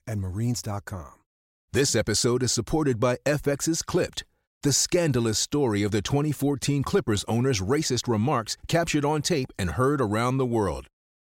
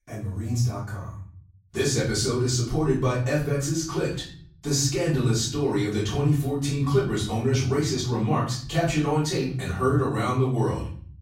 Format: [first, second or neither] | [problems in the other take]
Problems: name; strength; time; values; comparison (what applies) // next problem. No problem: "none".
first | off-mic speech; far // room echo; noticeable; dies away in 0.7 s